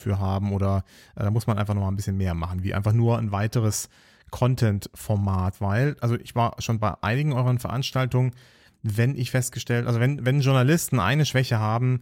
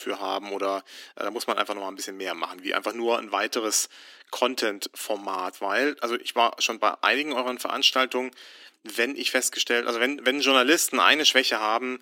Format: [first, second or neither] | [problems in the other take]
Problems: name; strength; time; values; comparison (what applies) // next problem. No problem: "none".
first | thin; very; fading below 250 Hz